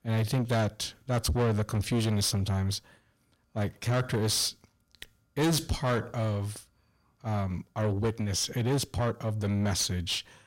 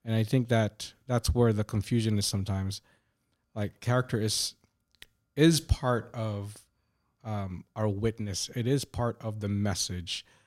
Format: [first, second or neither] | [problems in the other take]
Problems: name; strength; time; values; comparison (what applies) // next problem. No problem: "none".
second | distortion; heavy; 6 dB below the speech